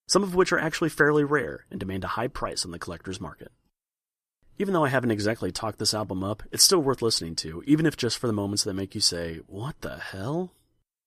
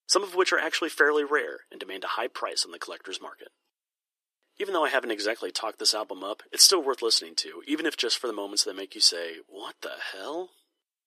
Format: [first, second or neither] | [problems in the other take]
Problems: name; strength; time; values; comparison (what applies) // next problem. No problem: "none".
first | thin; somewhat; fading below 350 Hz